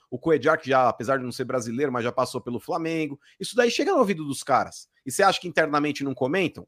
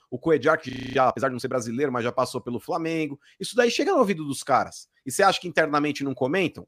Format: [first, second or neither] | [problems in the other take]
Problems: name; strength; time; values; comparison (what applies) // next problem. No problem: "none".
first | audio freezing; at 0.5 s